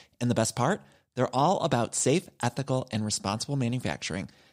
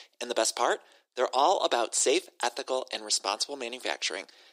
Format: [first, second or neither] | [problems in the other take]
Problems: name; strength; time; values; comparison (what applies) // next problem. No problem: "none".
first | thin; very; fading below 350 Hz